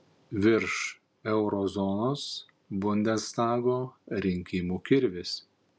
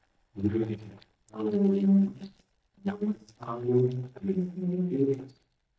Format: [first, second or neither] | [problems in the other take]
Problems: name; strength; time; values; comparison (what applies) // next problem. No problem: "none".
first | noise reduction (neural mask model DeepFilterNet 3)